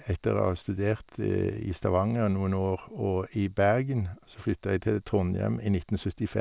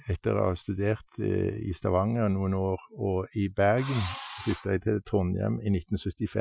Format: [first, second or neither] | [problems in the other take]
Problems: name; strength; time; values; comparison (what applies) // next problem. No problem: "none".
first | noise reduction (classical method Wiener filter)